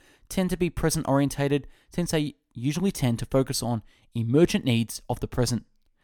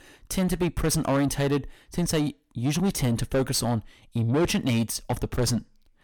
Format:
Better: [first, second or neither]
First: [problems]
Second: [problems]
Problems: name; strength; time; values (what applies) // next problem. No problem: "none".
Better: first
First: none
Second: distortion; heavy; 7 dB below the speech